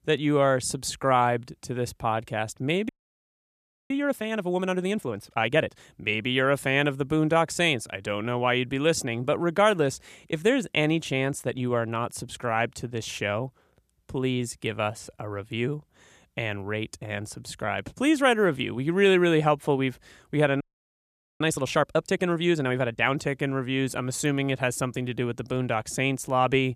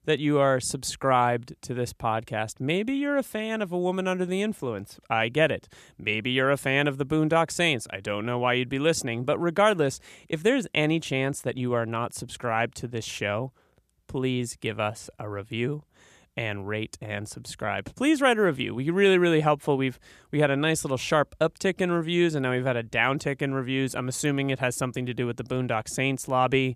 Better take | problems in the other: second | audio freezing; at 3 s for 1 s and at 21 s for 1 s

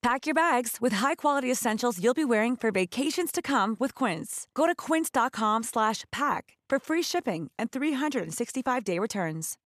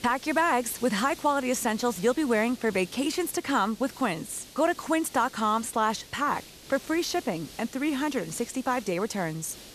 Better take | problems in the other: first | hiss; noticeable; throughout; 15 dB below the speech

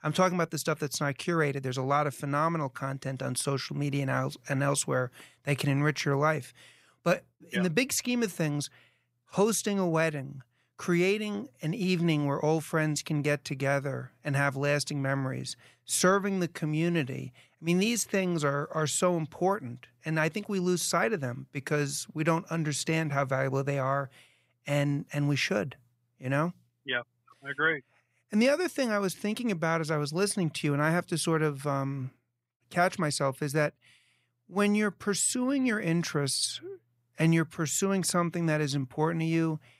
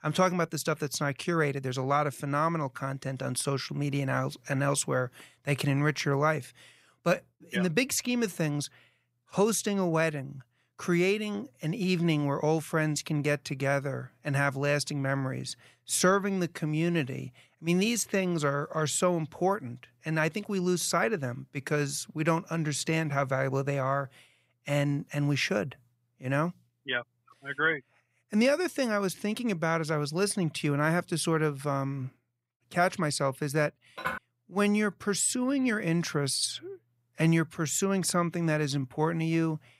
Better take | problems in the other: first | clattering dishes; noticeable; at 34 s; peak 6 dB below the speech

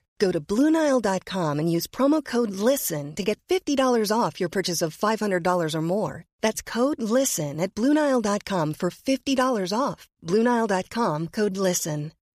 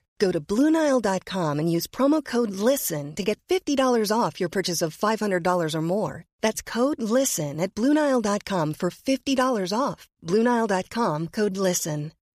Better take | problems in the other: neither | none

